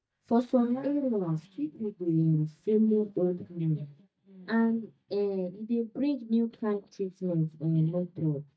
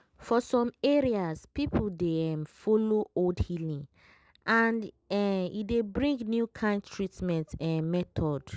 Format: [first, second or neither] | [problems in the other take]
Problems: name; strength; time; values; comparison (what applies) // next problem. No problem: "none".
second | noise reduction (neural mask model DeepFilterNet 3)